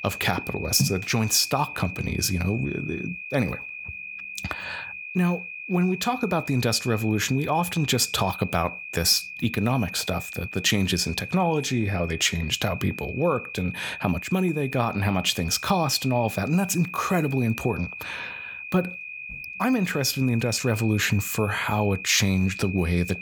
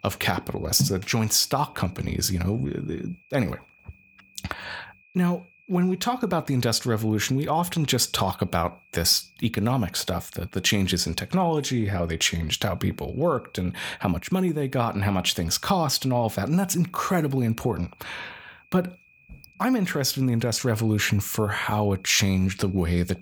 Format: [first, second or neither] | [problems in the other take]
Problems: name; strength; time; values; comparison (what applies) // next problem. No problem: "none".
second | high-pitched whine; loud; throughout; 2.5 kHz, 10 dB below the speech; faint in the second